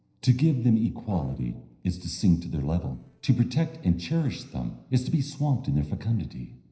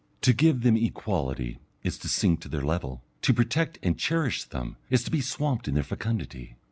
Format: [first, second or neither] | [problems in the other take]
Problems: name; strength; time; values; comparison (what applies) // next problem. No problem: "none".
second | noise reduction (neural separator model SepFormer DNS4)